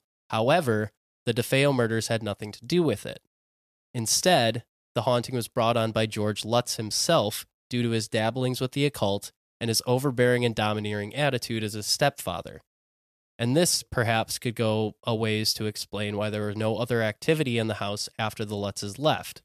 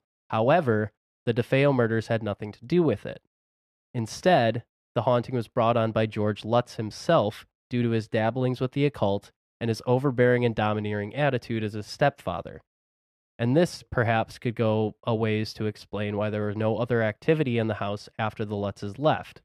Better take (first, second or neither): first